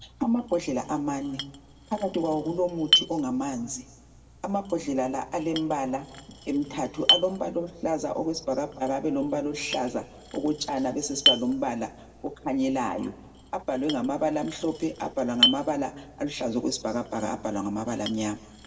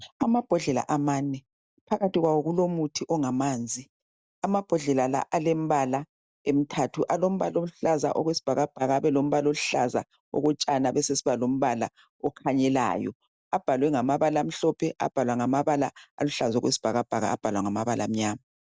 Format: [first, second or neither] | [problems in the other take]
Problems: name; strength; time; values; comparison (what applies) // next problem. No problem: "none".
second | background sound (Chink, clink); 4 dB below the speech // room echo; dies away in 1 s